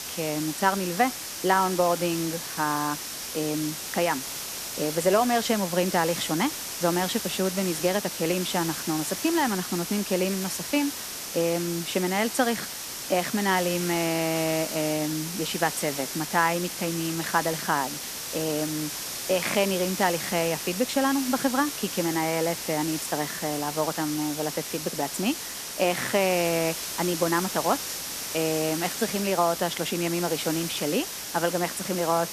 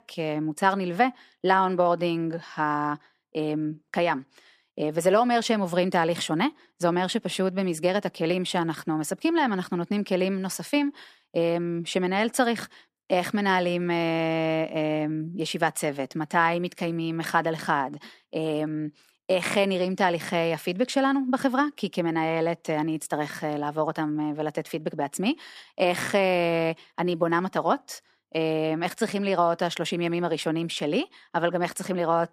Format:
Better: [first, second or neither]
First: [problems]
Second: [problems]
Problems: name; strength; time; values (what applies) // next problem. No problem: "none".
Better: second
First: hiss; loud; throughout; 5 dB below the speech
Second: none